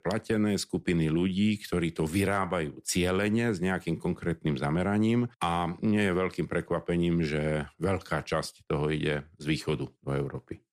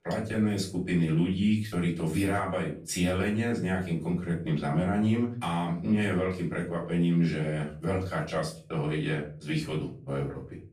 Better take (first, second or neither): first